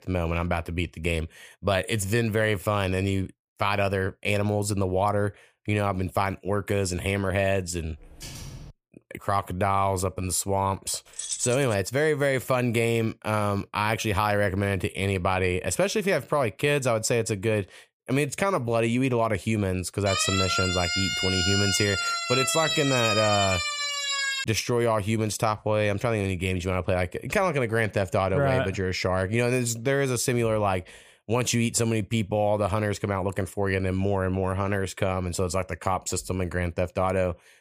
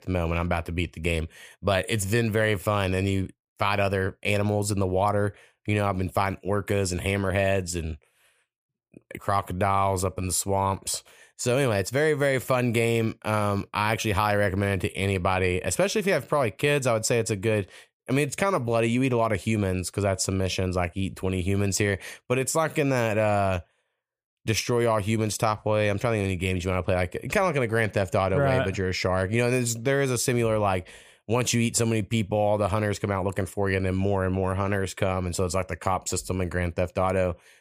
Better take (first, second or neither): second